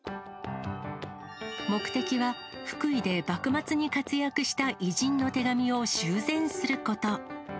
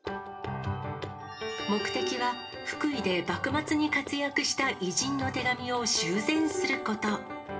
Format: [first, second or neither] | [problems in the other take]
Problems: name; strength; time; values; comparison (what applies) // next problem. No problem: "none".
first | room echo; dies away in 0.4 s